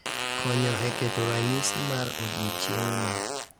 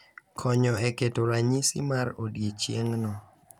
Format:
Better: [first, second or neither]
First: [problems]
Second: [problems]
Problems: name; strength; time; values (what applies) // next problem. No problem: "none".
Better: second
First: background sound (Fart); 1 dB below the speech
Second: none